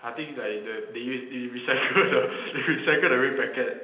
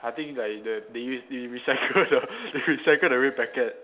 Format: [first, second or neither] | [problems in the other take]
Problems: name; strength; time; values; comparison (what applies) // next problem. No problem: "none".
second | room echo; dies away in 0.9 s